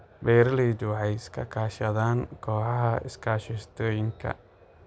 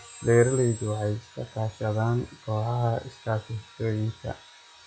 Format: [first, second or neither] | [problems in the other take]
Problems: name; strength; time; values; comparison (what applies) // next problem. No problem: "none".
first | noise reduction (classical method log-MMSE)